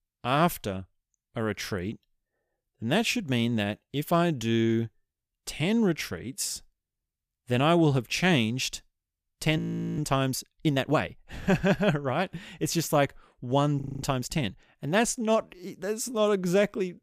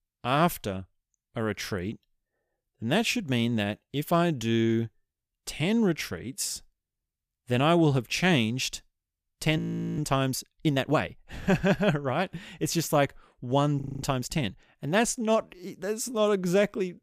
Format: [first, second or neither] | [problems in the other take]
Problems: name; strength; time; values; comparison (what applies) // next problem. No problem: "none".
neither | audio freezing; at 9.5 s and at 14 s; the same in both